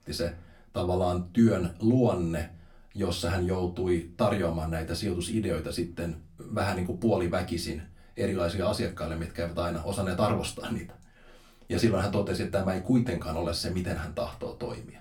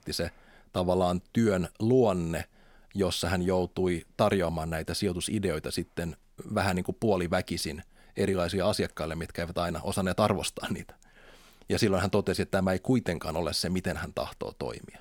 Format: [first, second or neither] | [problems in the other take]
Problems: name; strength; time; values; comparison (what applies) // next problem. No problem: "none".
second | off-mic speech; far // room echo; very slight; dies away in 0.2 s